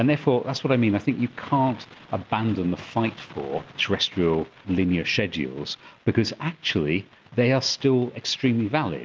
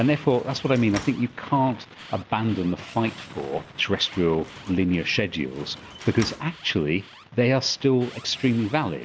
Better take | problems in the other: first | background sound (Alarm + Slam); 19 dB below the speech

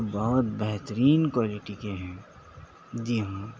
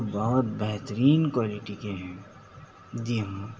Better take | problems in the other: first | room echo; dies away in 1.7 s

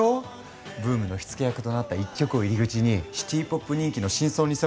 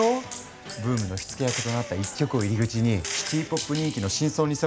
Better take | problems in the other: first | background sound (Gunshot, gunfire); 11 dB below the speech

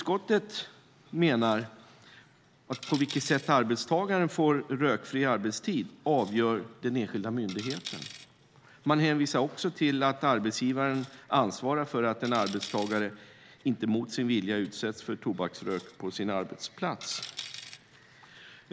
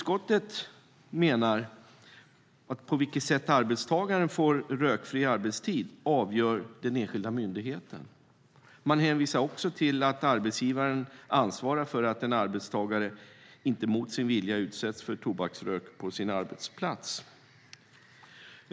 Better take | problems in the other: second | background sound (Coin (dropping)); 19 dB below the speech

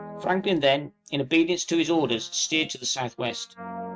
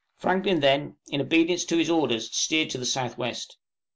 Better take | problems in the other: second | noise reduction (neural mask model RNNoise)

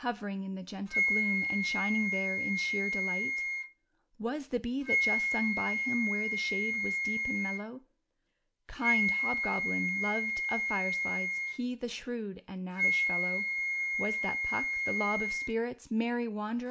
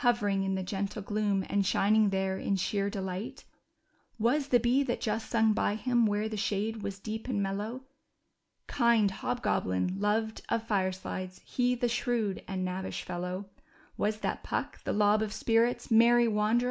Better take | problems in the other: second | background sound (Wind instrument, woodwind instrument); 3 dB above the speech

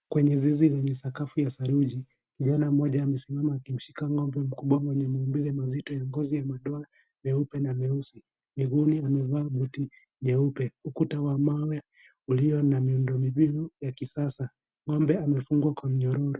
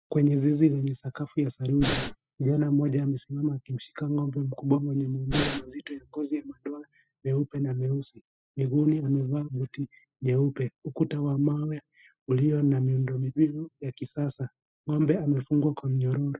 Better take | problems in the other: first | noise reduction (classical method spectral subtraction)

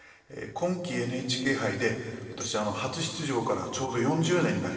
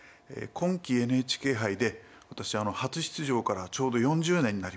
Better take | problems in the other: second | noise reduction (neural separator model SepFormer DNS4)

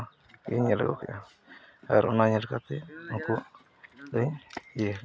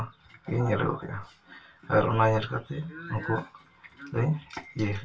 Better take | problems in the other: first | room echo; dies away in 0.1 s

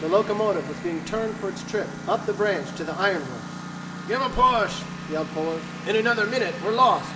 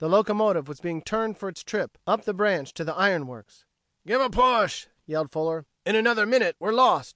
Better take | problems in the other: second | background sound (Engine); 10 dB below the speech // room echo; dies away in 0.8 s

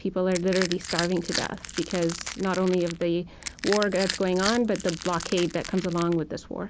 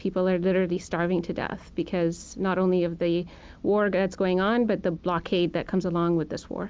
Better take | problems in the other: second | background sound (Crushing); 9 dB below the speech

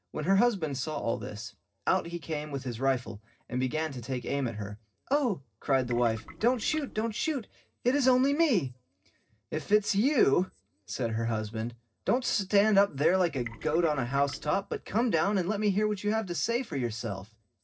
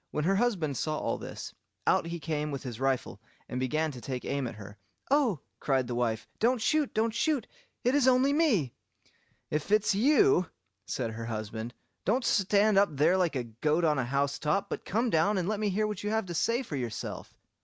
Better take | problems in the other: second | noise reduction (neural separator model SepFormer DNS4)

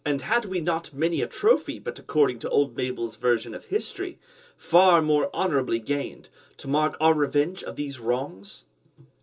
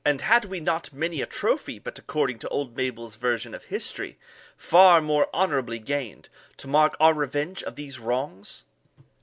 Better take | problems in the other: second | room echo; dies away in 0.2 s

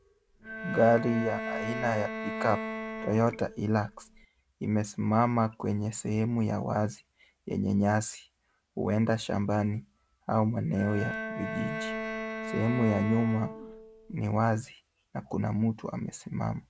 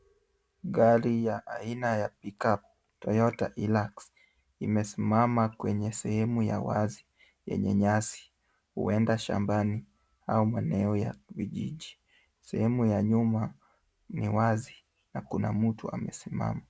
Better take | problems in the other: second | background sound (Bowed string instrument); 7 dB below the speech

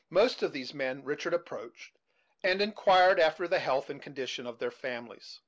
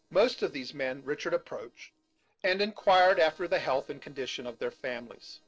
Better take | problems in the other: first | noise reduction (neural separator model SepFormer DNS4)

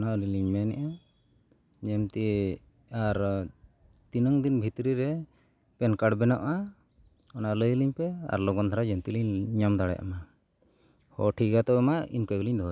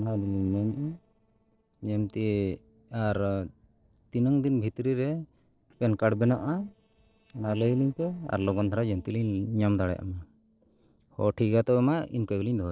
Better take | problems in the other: first | noise reduction (neural separator model SepFormer DNS4)

